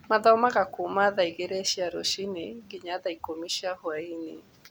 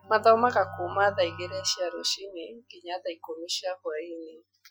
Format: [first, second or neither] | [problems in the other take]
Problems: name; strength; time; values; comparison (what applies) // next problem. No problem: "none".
first | noise reduction (classical method Wiener filter)